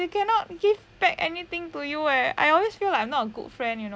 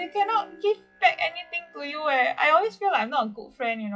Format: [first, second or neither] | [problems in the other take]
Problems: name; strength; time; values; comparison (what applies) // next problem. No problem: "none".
first | noise reduction (classical method WPE with log-MMSE)